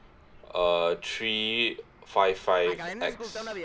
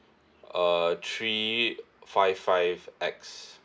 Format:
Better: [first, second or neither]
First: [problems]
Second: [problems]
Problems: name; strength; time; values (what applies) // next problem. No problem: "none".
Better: second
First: background sound (Fixed-wing aircraft, airplane); 13 dB below the speech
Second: none